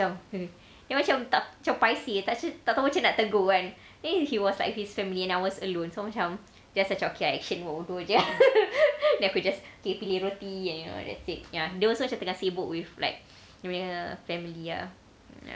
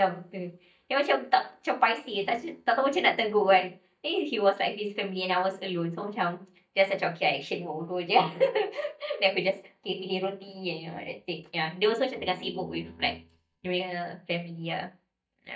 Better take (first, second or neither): first